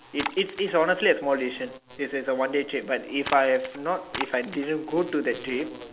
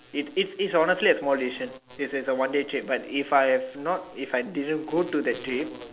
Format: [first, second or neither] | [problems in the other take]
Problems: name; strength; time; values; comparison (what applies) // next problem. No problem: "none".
second | background sound (Splash, splatter); 11 dB below the speech